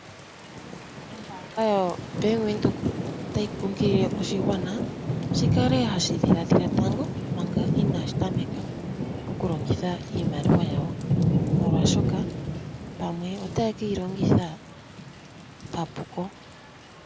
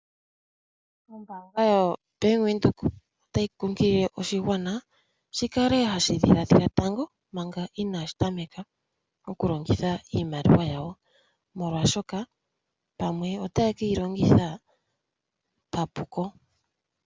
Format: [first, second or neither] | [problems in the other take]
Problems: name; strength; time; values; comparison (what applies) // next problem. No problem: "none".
second | background sound (Thunder / Rain); as loud as the speech